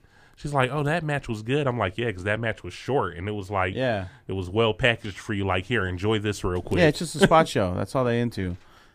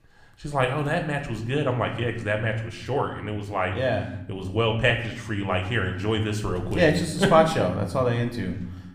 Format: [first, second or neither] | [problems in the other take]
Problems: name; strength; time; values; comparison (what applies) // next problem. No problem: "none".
first | room echo; slight; dies away in 0.7 s